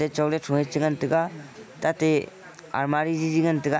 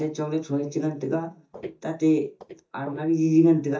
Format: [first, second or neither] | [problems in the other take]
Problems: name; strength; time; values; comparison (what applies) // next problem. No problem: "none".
first | noise reduction (neural mask model DeepFilterNet 3)